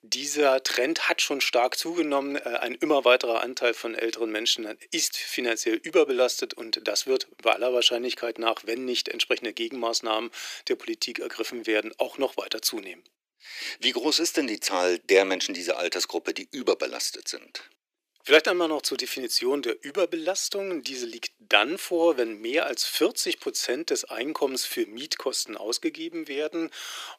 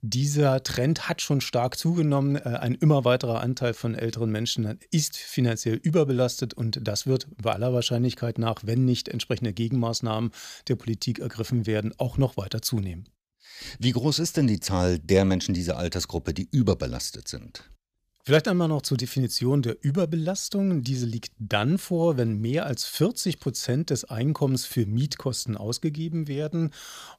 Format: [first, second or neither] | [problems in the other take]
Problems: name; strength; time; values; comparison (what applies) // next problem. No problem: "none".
second | thin; very; fading below 350 Hz